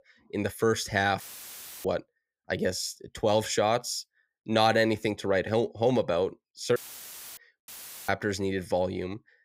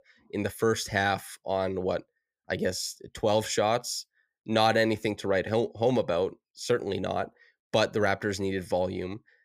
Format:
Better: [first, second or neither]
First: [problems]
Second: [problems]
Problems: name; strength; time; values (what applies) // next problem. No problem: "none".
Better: second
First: audio cutting out; filled with static; at 1 s for 0.5 s, at 7 s for 0.5 s and at 7.5 s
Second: none